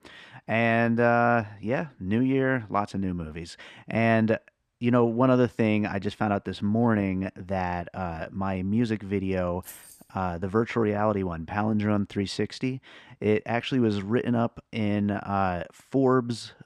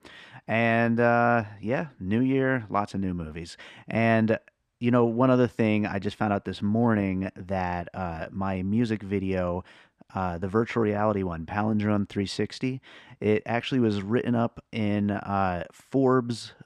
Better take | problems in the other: second | jangling keys; faint; at 9.5 s; peak 15 dB below the speech

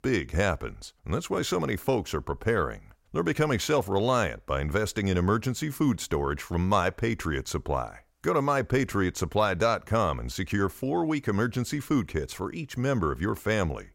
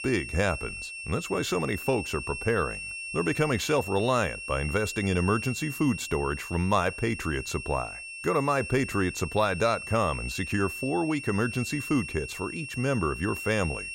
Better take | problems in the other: first | high-pitched whine; loud; throughout; 2.5 kHz, 8 dB below the speech

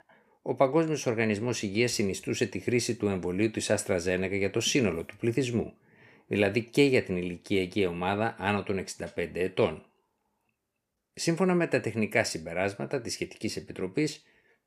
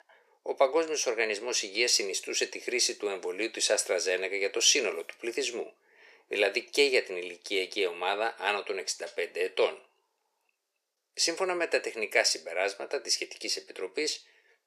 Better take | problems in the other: first | thin; very; fading below 450 Hz

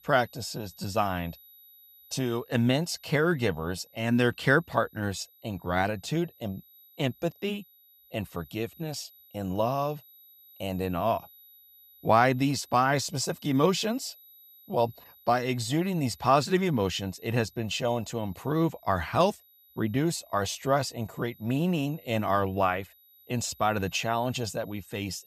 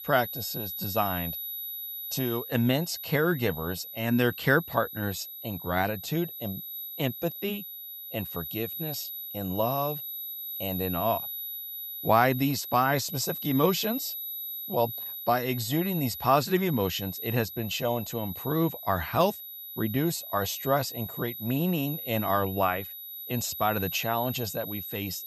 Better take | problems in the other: first | high-pitched whine; loud; throughout; 12 kHz, 7 dB below the speech; faint in the first

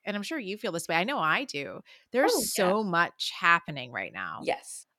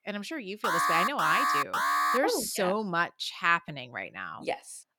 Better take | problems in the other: first | alarm; loud; from 0.5 to 2 s; peak 5 dB above the speech

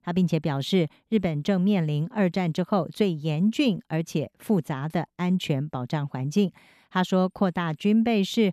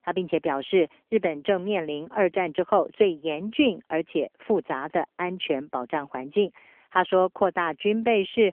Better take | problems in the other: first | phone-call audio; nothing above 3.5 kHz

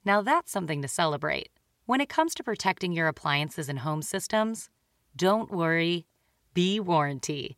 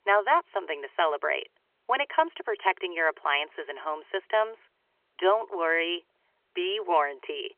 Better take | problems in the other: first | phone-call audio; nothing above 3 kHz

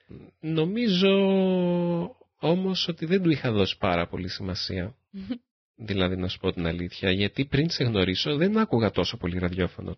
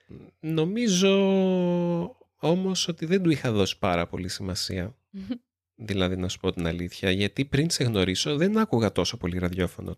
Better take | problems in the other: second | garbled, watery; badly; nothing above 5.5 kHz

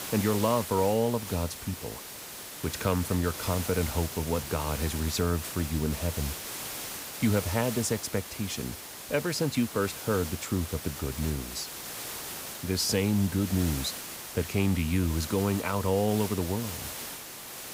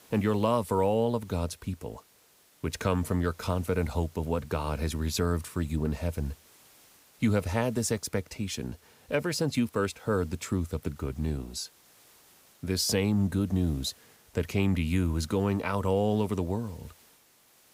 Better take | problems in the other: second | hiss; loud; throughout; 7 dB below the speech; faint in the second

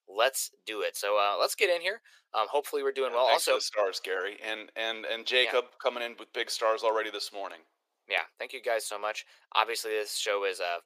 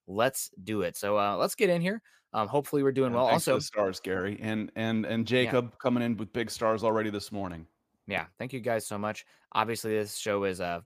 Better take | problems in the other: second | thin; very; fading below 400 Hz

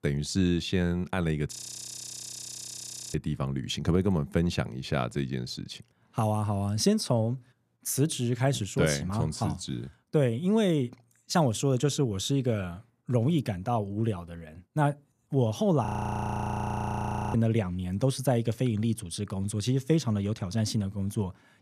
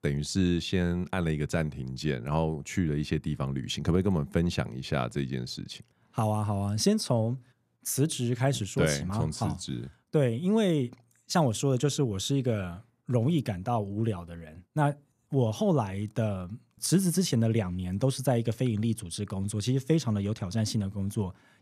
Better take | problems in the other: second | audio freezing; at 1.5 s for 1.5 s and at 16 s for 1.5 s

